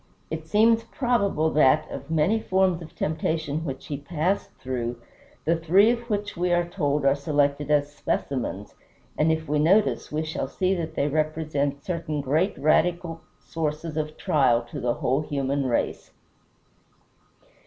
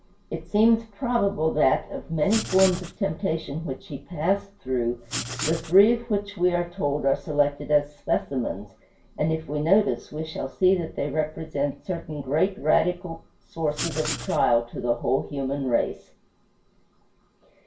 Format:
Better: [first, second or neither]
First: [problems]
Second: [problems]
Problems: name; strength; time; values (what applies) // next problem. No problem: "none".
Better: first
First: none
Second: background sound (Writing); 7 dB below the speech // room echo; dies away in 0.2 s